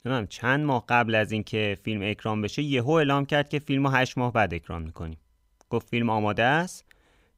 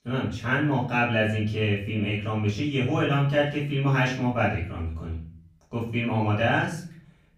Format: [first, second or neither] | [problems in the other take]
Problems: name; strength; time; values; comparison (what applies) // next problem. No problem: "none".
first | off-mic speech; far // room echo; noticeable; dies away in 0.5 s